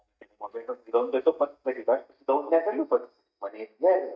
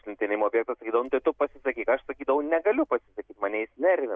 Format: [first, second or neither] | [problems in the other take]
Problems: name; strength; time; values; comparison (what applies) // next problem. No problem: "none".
second | noise reduction (neural mask model DeepFilterNet 3)